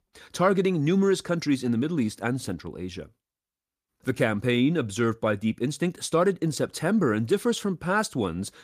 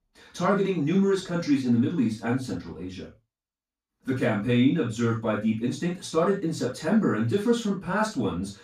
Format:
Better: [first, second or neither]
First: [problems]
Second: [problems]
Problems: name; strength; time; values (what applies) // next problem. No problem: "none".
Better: first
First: none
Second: room echo; noticeable; dies away in 0.2 s // off-mic speech; far